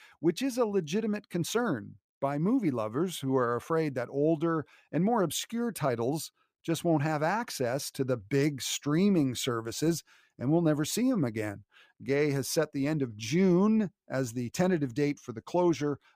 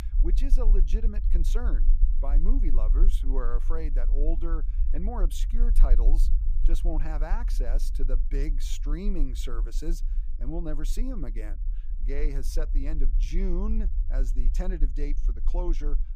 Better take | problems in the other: first | low rumble; noticeable; throughout; 15 dB below the speech

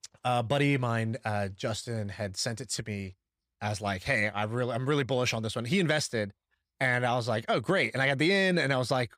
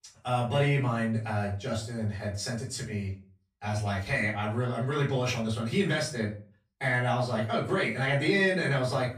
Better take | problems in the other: first | off-mic speech; far // room echo; slight; dies away in 0.3 s

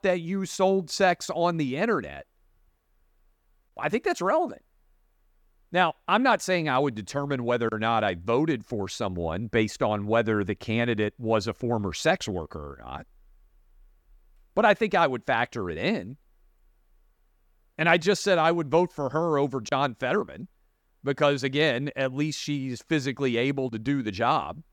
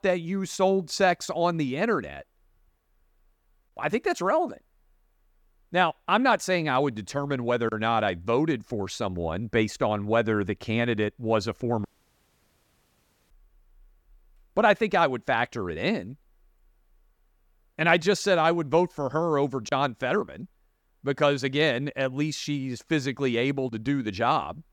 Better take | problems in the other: first | audio cutting out; at 12 s for 1.5 s

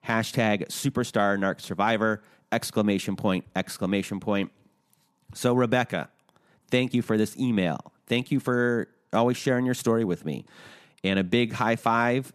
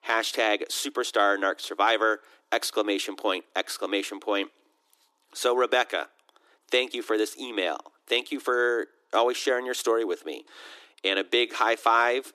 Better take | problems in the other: first | thin; very; fading below 300 Hz

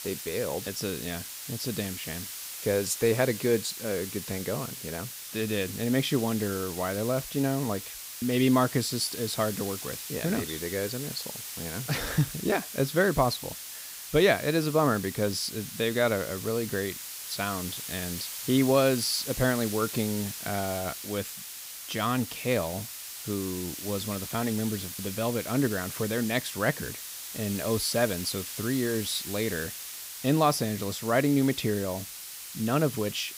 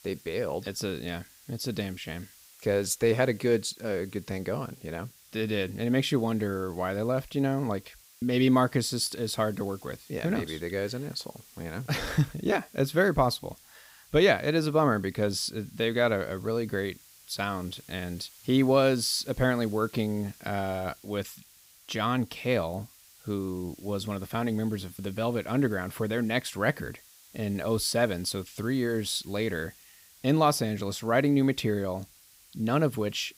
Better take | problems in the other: second | hiss; loud; throughout; 8 dB below the speech; faint in the second

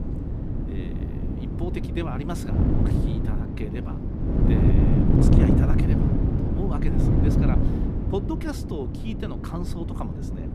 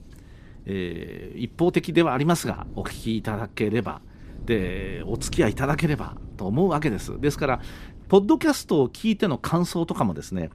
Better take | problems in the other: second | wind noise on the microphone; heavy; 4 dB above the speech; occasional gusts in the second

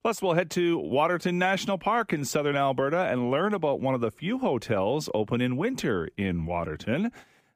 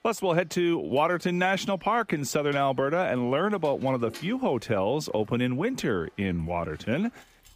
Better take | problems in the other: first | machinery noise; faint; throughout; 25 dB below the speech

